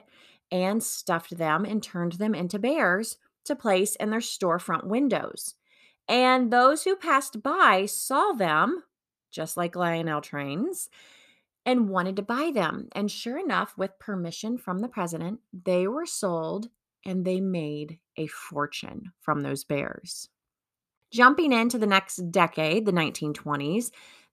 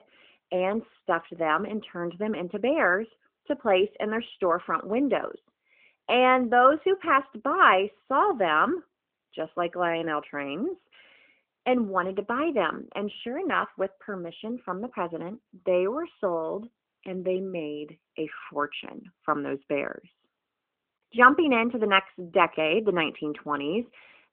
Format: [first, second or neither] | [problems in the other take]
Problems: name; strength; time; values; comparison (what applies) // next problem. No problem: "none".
first | phone-call audio; nothing above 3 kHz